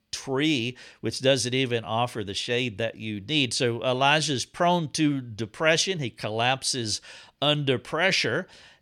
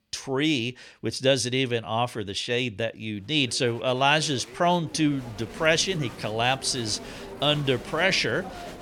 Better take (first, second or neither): first